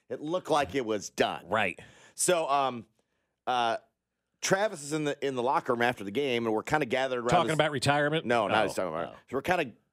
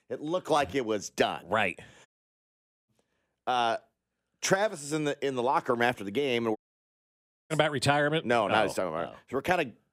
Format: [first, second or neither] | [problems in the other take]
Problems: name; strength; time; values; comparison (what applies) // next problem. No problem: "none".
first | audio cutting out; at 2 s for 1 s and at 6.5 s for 1 s